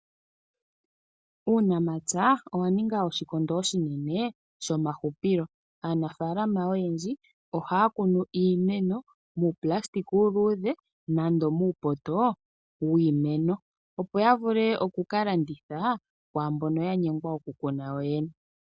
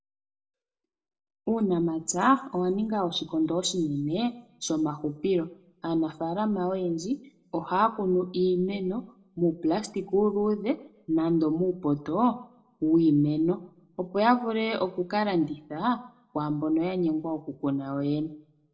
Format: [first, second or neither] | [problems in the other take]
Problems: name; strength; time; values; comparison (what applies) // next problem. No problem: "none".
first | room echo; dies away in 0.3 s